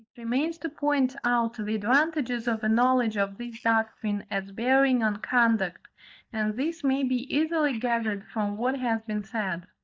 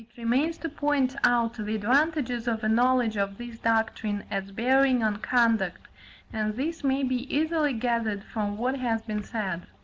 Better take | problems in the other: second | noise reduction (neural mask model DeepFilterNet 3)

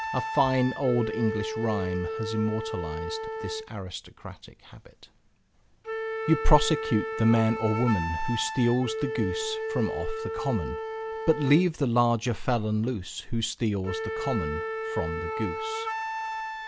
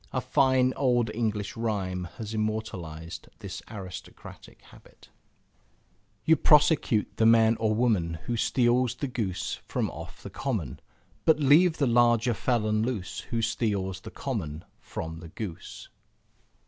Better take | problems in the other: second | background sound (Wind instrument, woodwind instrument); 6 dB below the speech

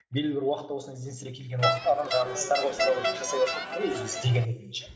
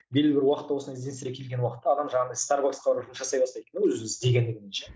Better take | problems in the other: second | background sound (Crowd); 2 dB below the speech // room echo; dies away in 1.5 s

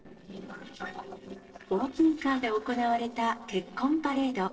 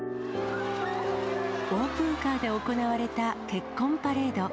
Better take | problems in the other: second | noise reduction (neural separator model SepFormer DNS4)

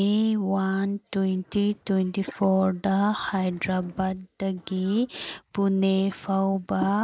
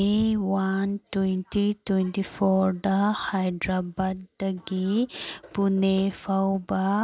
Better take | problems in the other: second | noise reduction (neural mask model Resemble Enhance denoiser)

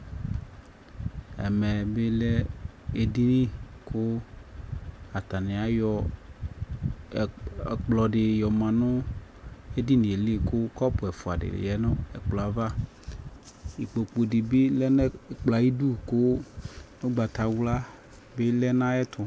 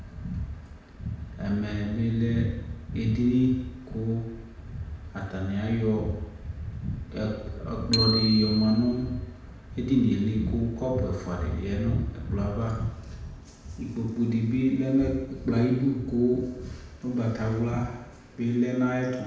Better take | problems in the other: first | background sound (Bicycle bell); 7 dB below the speech // room echo; dies away in 0.9 s

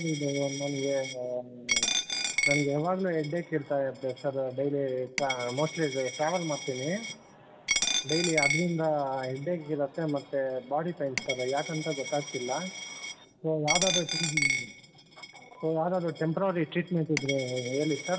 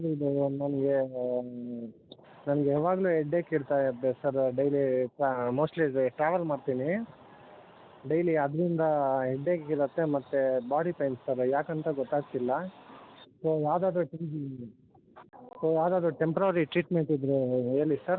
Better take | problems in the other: second | background sound (Coin (dropping)); 4 dB below the speech // room echo; dies away in 2.7 s

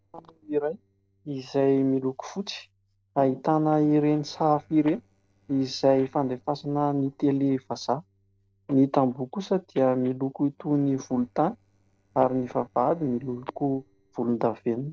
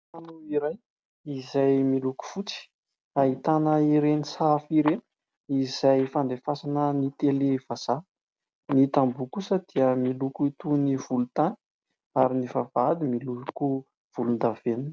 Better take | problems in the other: second | noise reduction (neural separator model SepFormer DNS4)

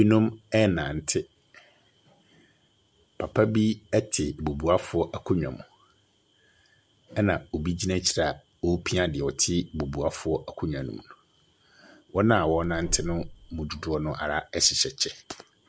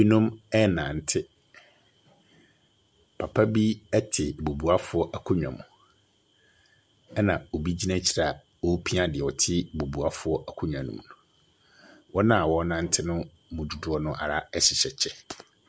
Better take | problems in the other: second | background sound (Bird); 10 dB below the speech

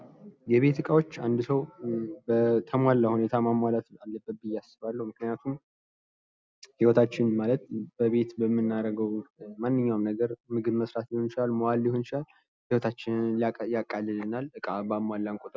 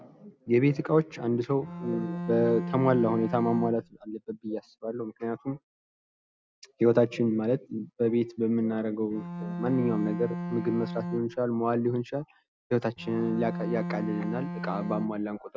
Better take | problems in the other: first | background sound (Bowed string instrument); 6 dB below the speech

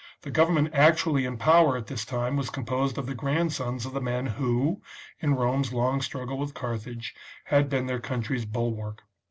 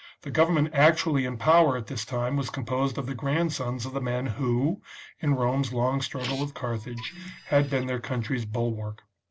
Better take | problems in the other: first | background sound (Printer); 15 dB below the speech

